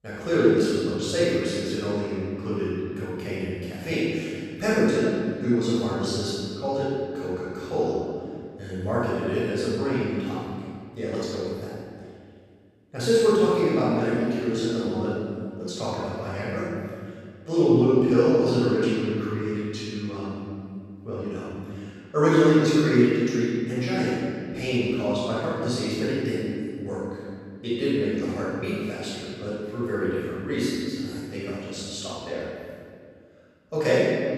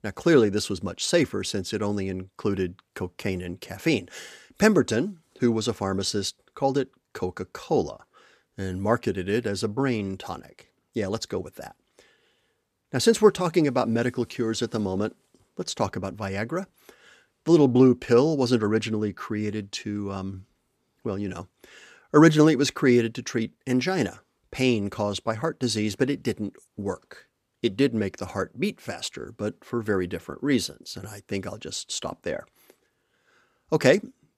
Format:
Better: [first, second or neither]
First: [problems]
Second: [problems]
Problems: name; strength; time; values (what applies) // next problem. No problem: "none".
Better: second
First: off-mic speech; far // room echo; strong; dies away in 2 s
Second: none